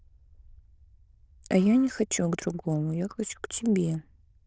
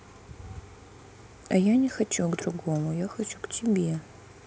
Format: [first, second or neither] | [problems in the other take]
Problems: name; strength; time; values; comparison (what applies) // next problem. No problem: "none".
second | noise reduction (neural diffusion model UNIVERSE++)